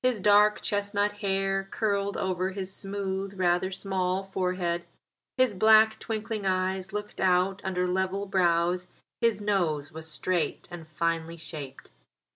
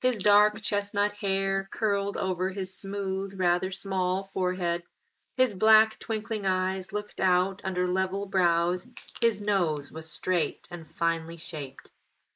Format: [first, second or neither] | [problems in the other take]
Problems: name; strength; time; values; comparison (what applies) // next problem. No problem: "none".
first | noise reduction (neural mask model Resemble Enhance denoiser)